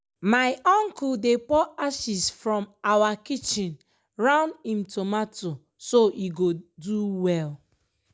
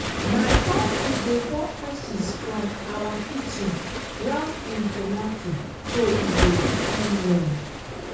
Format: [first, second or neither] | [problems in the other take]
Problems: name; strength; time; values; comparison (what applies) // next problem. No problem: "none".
first | background sound (Waves, surf); as loud as the speech // room echo; dies away in 0.6 s